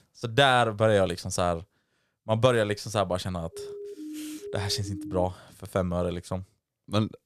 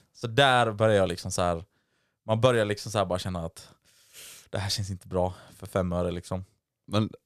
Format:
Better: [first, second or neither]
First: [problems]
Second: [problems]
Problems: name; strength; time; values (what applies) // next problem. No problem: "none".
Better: second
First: siren; faint; from 3.5 to 5.5 s; peak 10 dB below the speech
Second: none